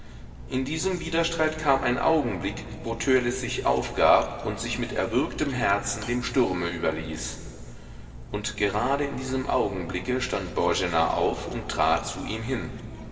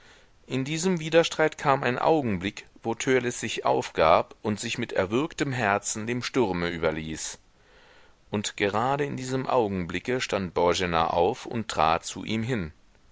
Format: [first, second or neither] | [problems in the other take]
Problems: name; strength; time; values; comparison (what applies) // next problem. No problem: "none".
second | background sound (Cutlery, silverware); 13 dB below the speech // room echo; dies away in 2.3 s